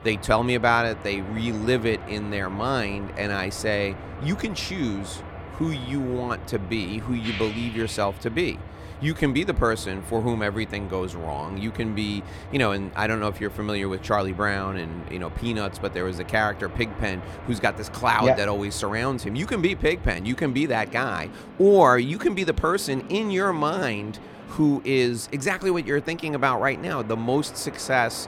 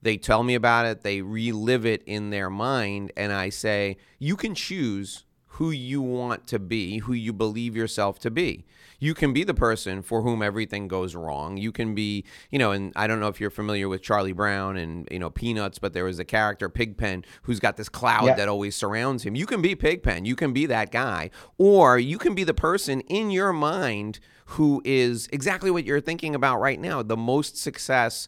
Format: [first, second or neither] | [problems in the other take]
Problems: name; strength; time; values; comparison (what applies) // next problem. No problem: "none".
second | train or aircraft noise; noticeable; throughout; 15 dB below the speech